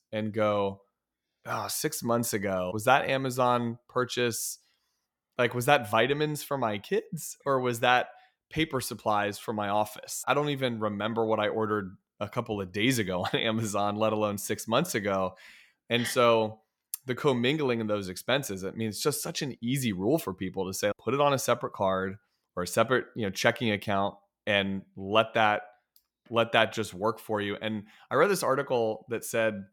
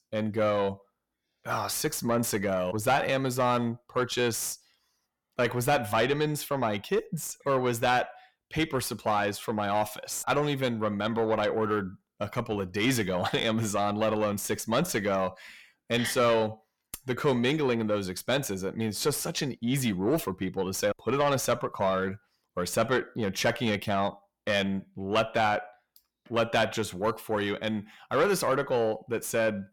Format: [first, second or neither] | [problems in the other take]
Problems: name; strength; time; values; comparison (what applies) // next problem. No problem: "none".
first | distortion; slight; 9 dB below the speech